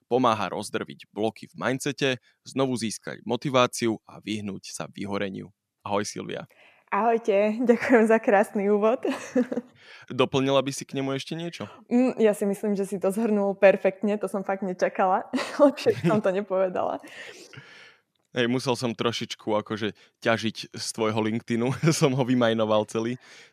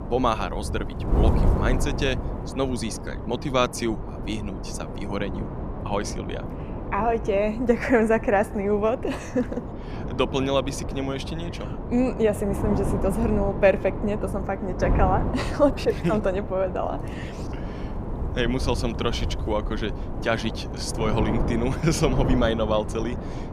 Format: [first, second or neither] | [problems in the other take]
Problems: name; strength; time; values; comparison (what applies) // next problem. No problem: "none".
first | wind noise on the microphone; heavy; 9 dB below the speech